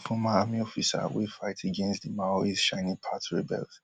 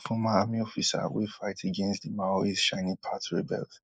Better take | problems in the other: first | noise reduction (neural mask model Resemble Enhance denoiser)

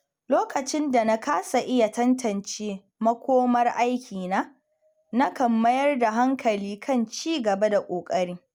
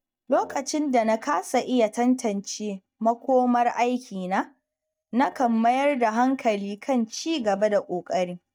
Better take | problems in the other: first | noise reduction (neural mask model DeepFilterNet 3)

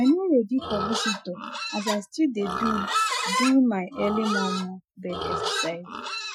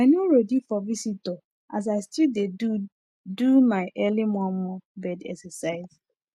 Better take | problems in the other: second | noise reduction (classical method Wiener filter)

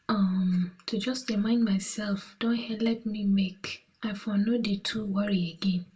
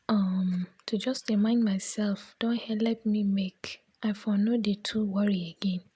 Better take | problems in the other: second | room echo; dies away in 0.2 s

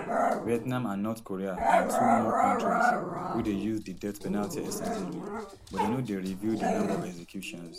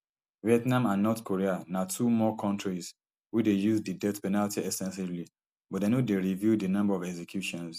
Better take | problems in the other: second | background sound (Growling); 3 dB above the speech

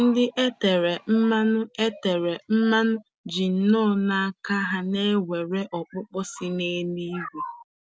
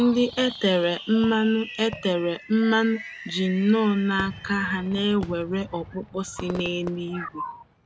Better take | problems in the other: first | background sound (Fireworks); 16 dB below the speech

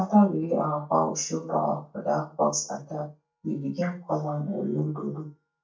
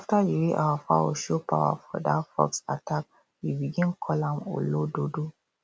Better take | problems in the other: second | noise reduction (neural mask model DeepFilterNet 3)

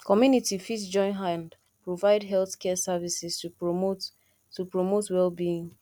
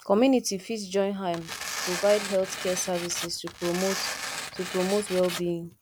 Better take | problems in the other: first | background sound (Tearing); 7 dB below the speech

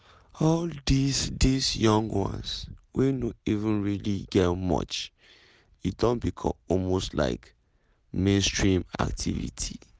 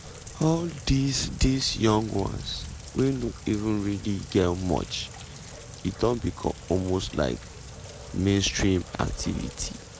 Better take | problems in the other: first | background sound (Rain); 14 dB below the speech

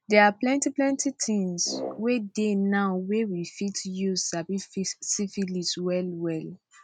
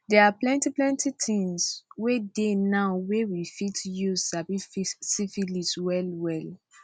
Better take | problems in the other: second | noise reduction (neural mask model RNNoise)

